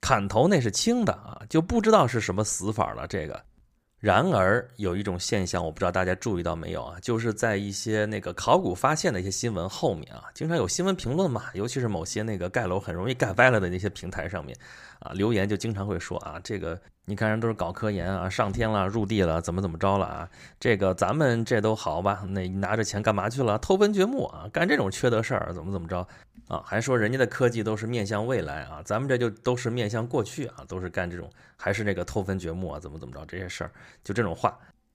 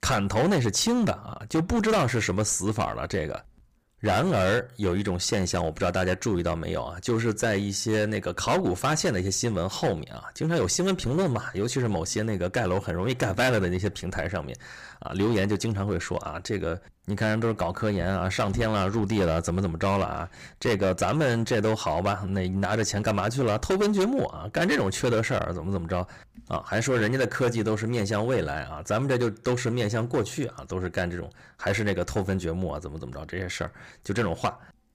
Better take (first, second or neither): first